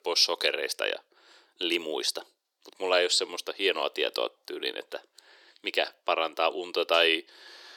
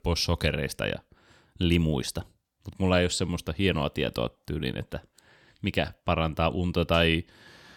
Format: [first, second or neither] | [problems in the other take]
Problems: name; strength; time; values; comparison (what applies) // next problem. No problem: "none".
second | thin; very; fading below 350 Hz